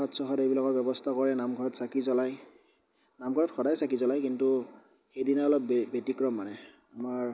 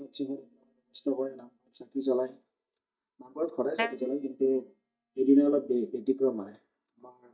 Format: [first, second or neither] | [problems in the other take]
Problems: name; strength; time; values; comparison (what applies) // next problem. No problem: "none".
first | noise reduction (neural mask model DeepFilterNet 3)